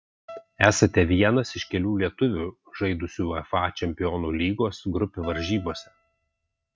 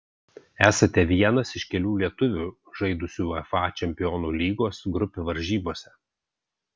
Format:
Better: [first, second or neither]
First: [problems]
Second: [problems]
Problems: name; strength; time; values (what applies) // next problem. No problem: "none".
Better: second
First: noise reduction (neural mask model RNNoise)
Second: none